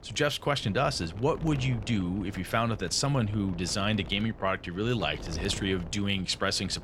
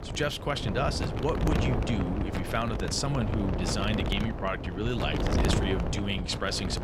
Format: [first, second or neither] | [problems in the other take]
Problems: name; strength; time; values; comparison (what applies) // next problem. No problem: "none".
first | wind noise on the microphone; heavy; 3 dB below the speech; occasional gusts in the first